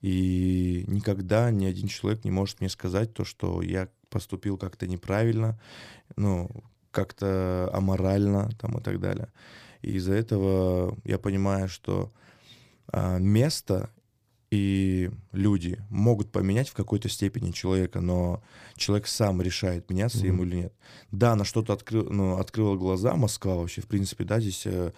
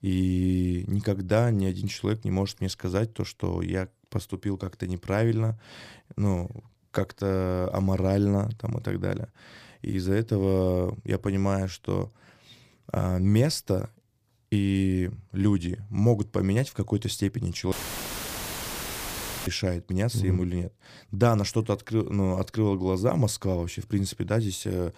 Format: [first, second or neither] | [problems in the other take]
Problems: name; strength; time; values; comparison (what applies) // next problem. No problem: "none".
first | audio cutting out; filled with static; at 18 s for 2 s